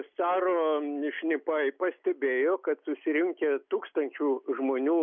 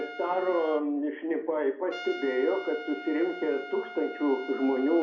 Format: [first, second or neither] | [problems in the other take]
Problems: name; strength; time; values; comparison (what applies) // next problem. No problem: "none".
first | background sound (Trumpet); 14 dB below the speech // room echo; dies away in 0.6 s